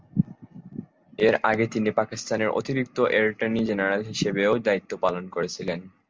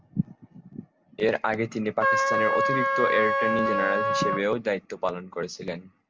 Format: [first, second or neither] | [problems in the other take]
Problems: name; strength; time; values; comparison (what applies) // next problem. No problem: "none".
first | background sound (Trumpet); 4 dB above the speech